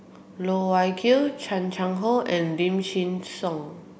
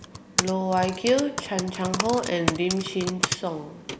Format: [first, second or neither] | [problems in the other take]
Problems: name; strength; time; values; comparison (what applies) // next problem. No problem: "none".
first | background sound (Typing); 5 dB below the speech